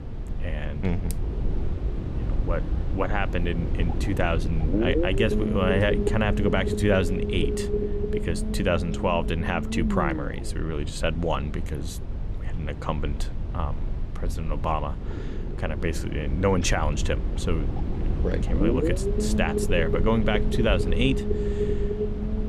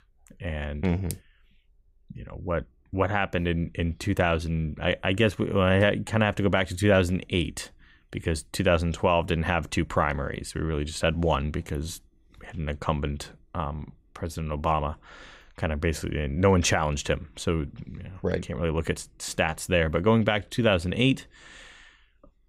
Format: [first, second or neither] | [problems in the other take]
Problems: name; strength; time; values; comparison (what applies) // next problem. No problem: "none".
second | low rumble; loud; throughout; 5 dB below the speech